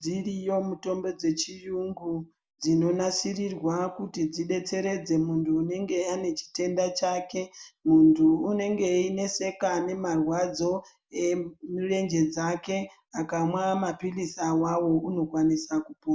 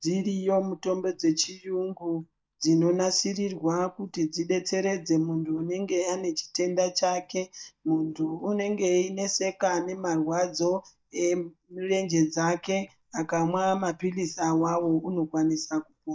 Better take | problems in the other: first | noise reduction (neural mask model DeepFilterNet 3)

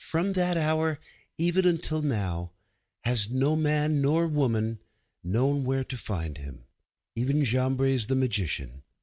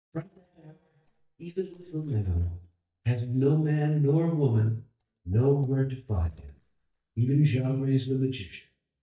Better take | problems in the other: first | noise reduction (neural mask model DeepFilterNet 3)

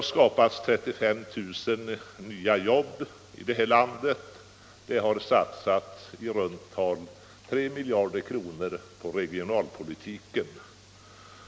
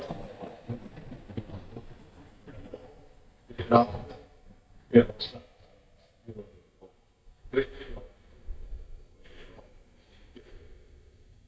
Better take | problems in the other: first | noise reduction (neural mask model DeepFilterNet 3)

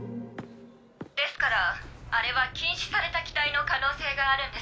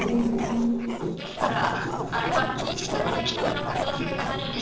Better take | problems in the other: first | noise reduction (neural separator model SepFormer DNS4)

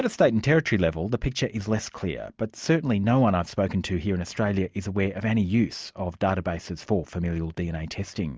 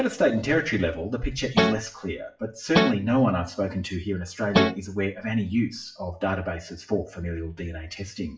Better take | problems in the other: first | noise reduction (classical method WPE with log-MMSE)

